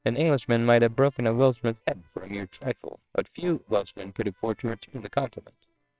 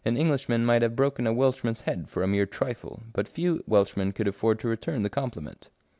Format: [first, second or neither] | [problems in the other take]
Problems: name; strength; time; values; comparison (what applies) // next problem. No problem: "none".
second | noise reduction (neural separator model SepFormer WHAMR!)